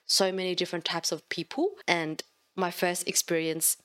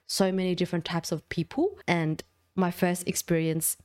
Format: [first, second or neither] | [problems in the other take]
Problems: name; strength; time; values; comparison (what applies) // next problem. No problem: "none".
second | thin; somewhat; fading below 300 Hz